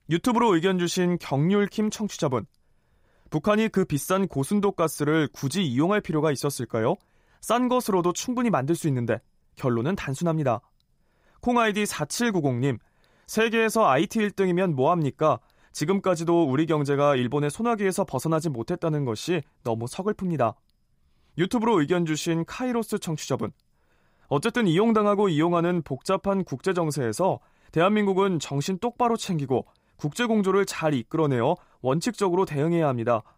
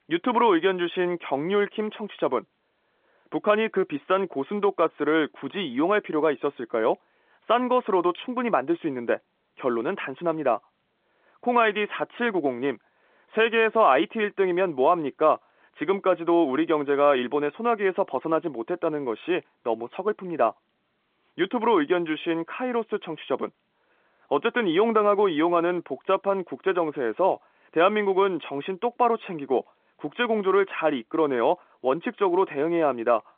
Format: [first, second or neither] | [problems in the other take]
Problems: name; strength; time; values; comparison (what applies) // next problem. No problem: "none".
first | phone-call audio; nothing above 3.5 kHz